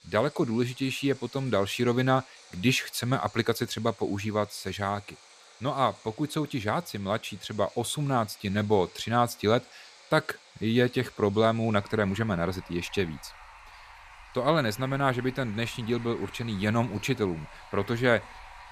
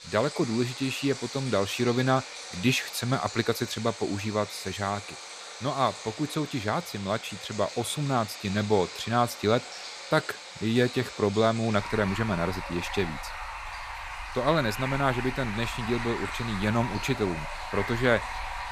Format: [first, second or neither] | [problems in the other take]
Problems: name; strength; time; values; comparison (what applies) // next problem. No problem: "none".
first | rain or running water; loud; throughout; 9 dB below the speech; faint in the first